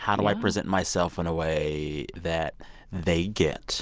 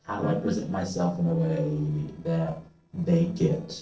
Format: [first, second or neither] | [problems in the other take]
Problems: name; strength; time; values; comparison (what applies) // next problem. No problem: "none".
first | noise reduction (neural separator model SepFormer DNS4)